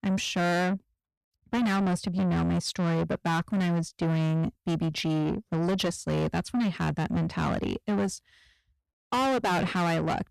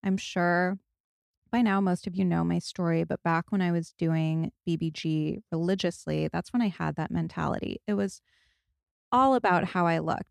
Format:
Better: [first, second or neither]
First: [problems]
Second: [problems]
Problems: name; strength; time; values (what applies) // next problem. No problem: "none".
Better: second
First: distortion; heavy; 7 dB below the speech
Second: none